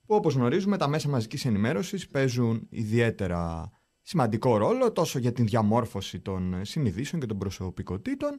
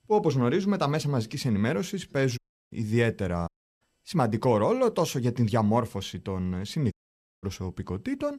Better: first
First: none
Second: audio cutting out; at 2.5 s, at 3.5 s and at 7 s for 0.5 s

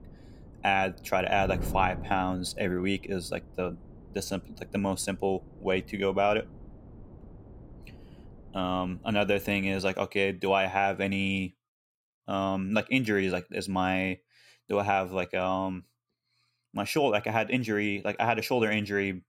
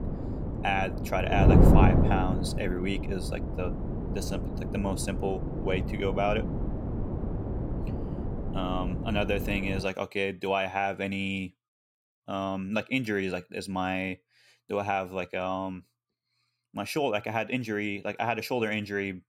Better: first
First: wind noise on the microphone; occasional gusts; until 10 s; 25 dB below the speech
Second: wind noise on the microphone; heavy; until 10 s; 5 dB below the speech

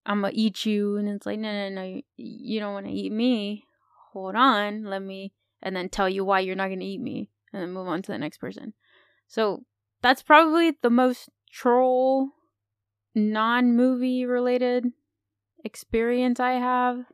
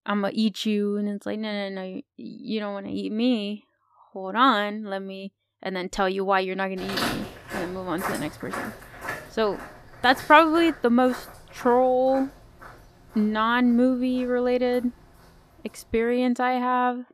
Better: first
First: none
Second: footsteps; noticeable; from 7 to 13 s; peak 4 dB below the speech

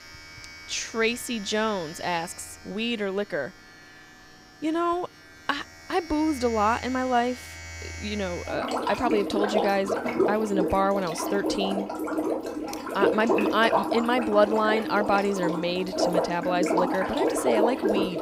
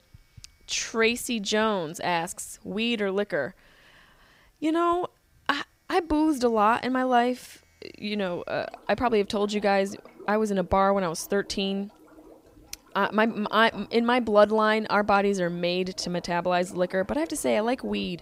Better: second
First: household noises; loud; throughout; 1 dB below the speech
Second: household noises; faint; throughout; 25 dB below the speech

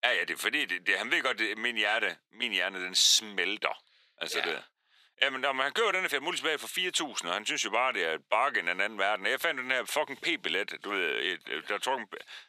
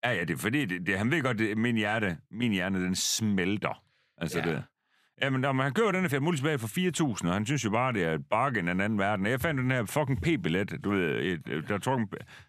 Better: second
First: thin; very; fading below 450 Hz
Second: none

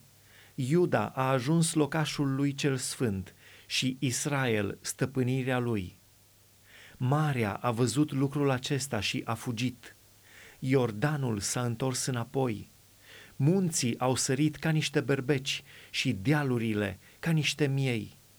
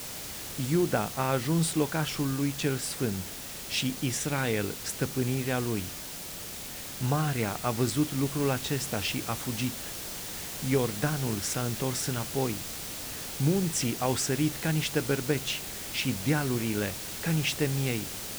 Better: first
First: hiss; faint; throughout; 30 dB below the speech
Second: hiss; loud; throughout; 6 dB below the speech

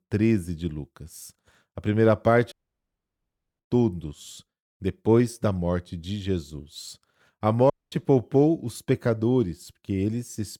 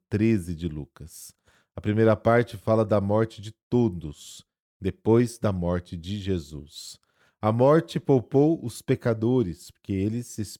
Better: second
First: audio cutting out; at 2.5 s for 1 s and at 7.5 s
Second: none

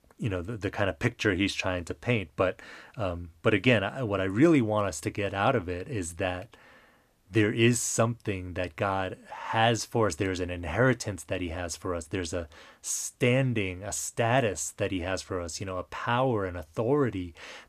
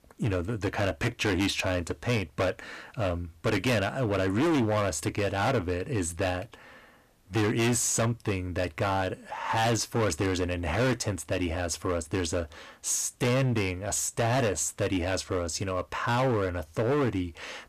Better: first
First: none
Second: distortion; heavy; 14% of the sound clipped

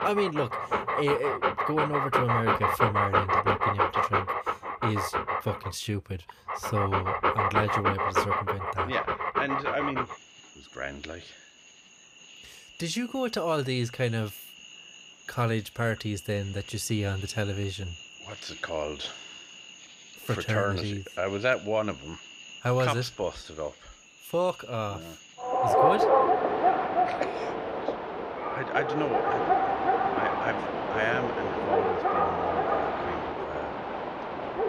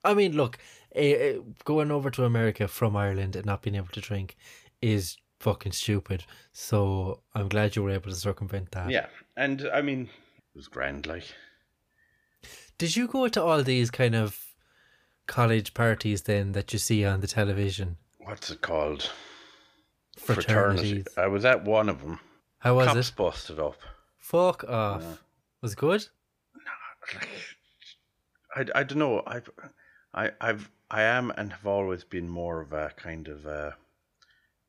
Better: second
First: animal sounds; very loud; throughout; 4 dB above the speech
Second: none

